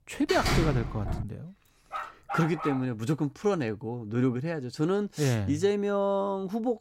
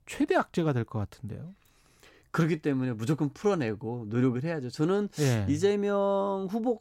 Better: second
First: door banging; loud; at 0.5 s; peak 1 dB above the speech // dog barking; noticeable; at 2 s; peak 5 dB below the speech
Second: none

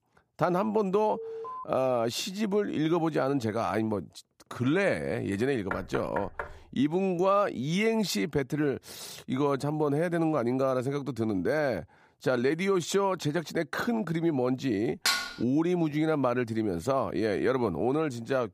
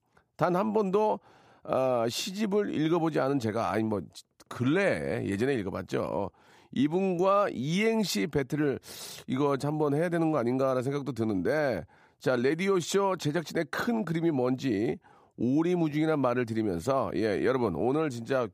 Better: second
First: alarm; noticeable; at 1 s; peak 10 dB below the speech // door banging; noticeable; at 5.5 s; peak 9 dB below the speech // clattering dishes; loud; at 15 s; peak 1 dB above the speech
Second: none

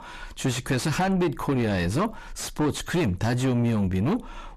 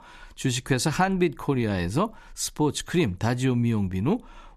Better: second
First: distortion; heavy; 6 dB below the speech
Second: none

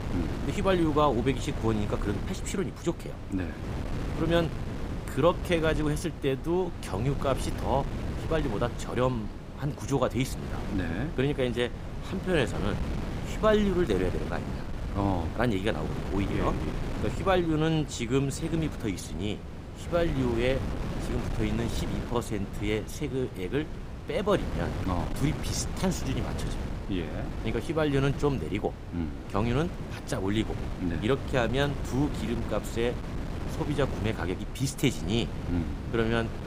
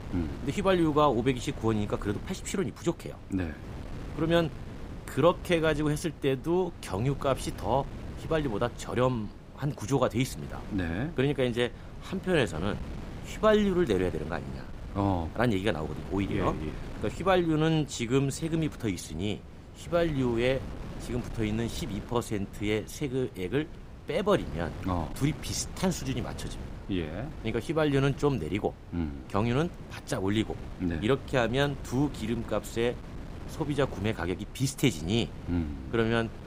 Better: second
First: wind noise on the microphone; heavy; 10 dB below the speech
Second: wind noise on the microphone; occasional gusts; 15 dB below the speech

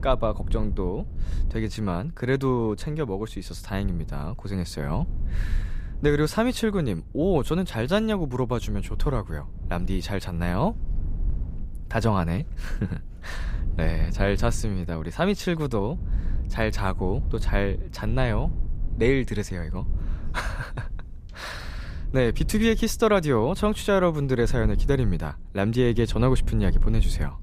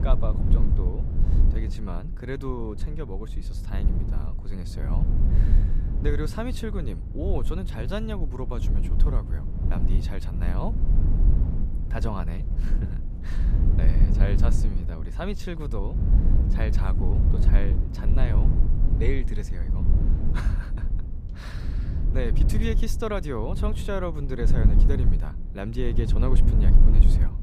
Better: first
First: low rumble; faint; throughout; 20 dB below the speech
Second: low rumble; loud; throughout; 5 dB below the speech

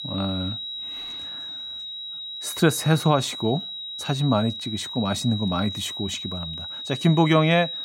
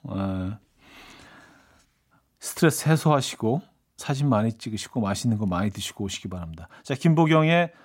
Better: second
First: high-pitched whine; loud; throughout; 4 kHz, 8 dB below the speech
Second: none

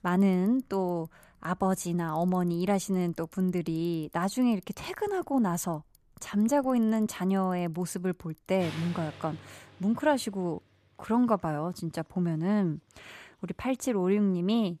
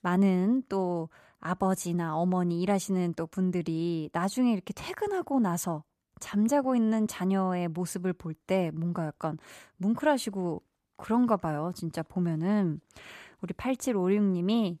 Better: second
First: traffic noise; faint; throughout; 25 dB below the speech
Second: none

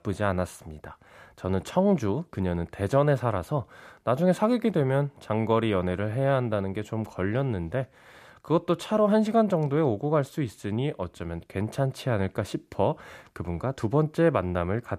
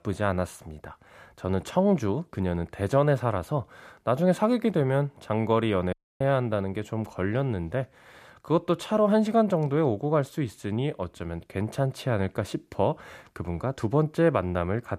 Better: first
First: none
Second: audio cutting out; at 6 s

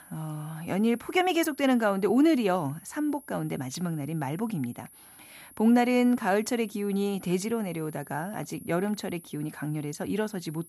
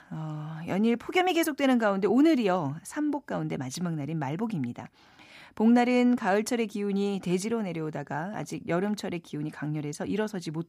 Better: second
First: high-pitched whine; faint; throughout; 10 kHz, 20 dB below the speech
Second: none

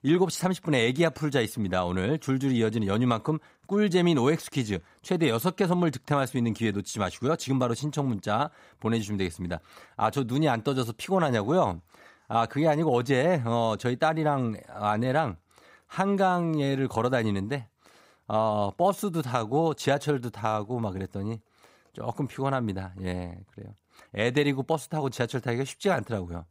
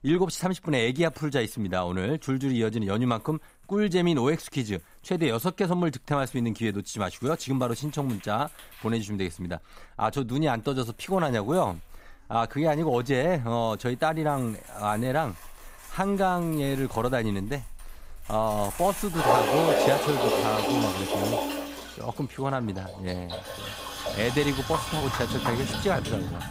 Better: first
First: none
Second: household noises; loud; throughout; 1 dB below the speech

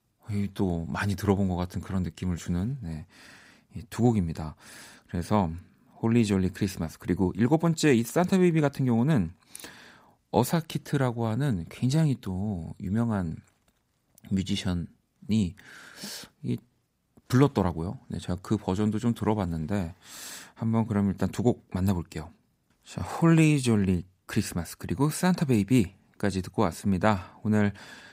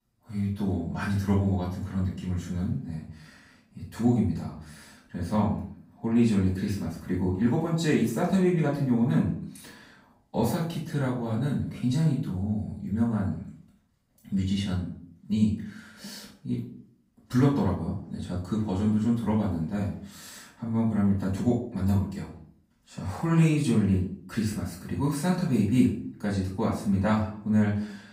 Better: first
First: none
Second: off-mic speech; far // room echo; noticeable; dies away in 0.5 s

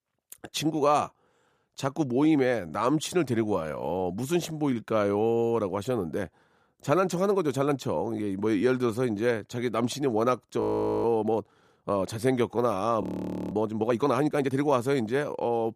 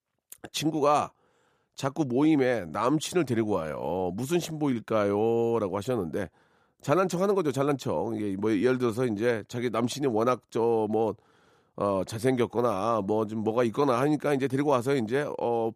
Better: second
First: audio freezing; at 11 s and at 13 s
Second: none

